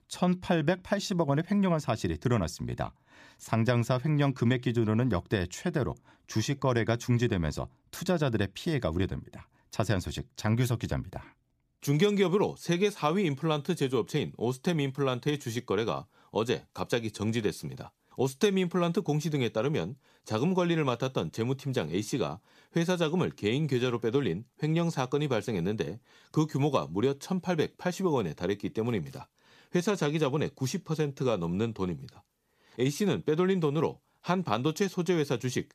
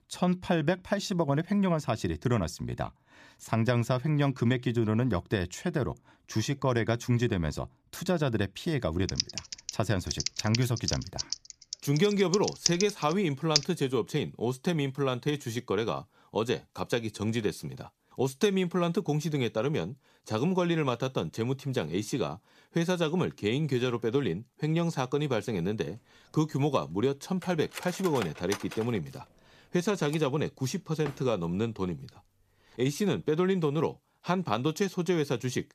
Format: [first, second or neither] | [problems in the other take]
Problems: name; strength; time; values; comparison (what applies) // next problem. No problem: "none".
first | keyboard typing; loud; from 9 to 14 s; peak 2 dB above the speech // clattering dishes; noticeable; from 27 to 31 s; peak 8 dB below the speech